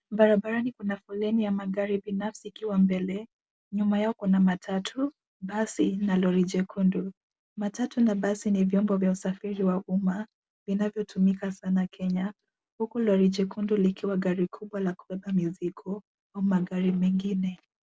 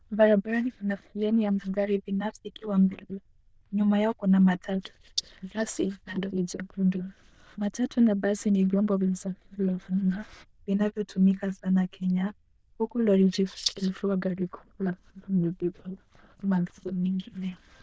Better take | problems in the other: first | noise reduction (neural diffusion model UNIVERSE++)

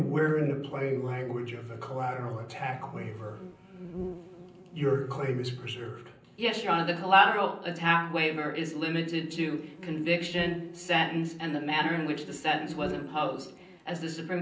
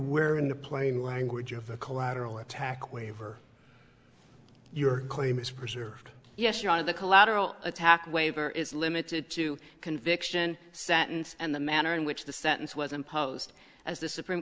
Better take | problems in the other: second | background sound (Insect); 13 dB below the speech // room echo; dies away in 0.6 s

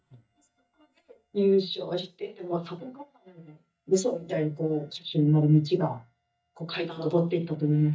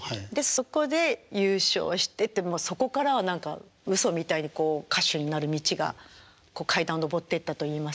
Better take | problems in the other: second | noise reduction (neural mask model DeepFilterNet 3)

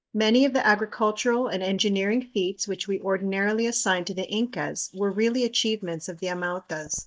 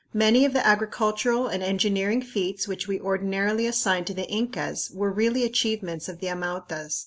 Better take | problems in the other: second | noise reduction (neural mask model DeepFilterNet 3)

